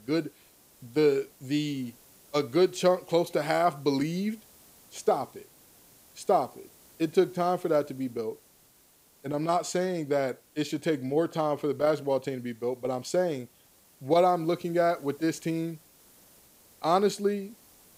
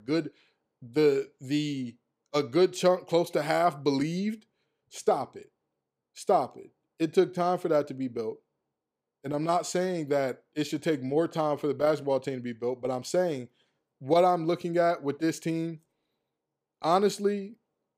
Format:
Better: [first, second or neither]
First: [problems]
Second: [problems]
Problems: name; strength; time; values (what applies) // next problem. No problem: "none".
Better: second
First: hiss; faint; throughout; 25 dB below the speech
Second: none